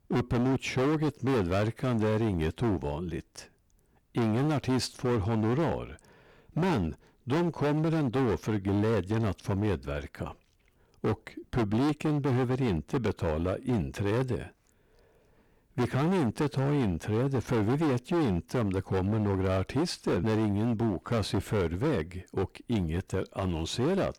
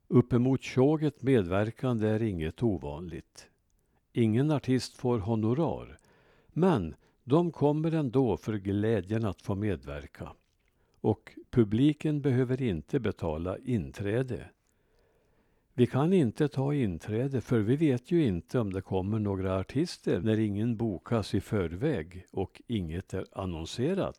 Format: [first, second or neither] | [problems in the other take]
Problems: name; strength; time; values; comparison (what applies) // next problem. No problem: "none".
second | distortion; heavy; 20% of the sound clipped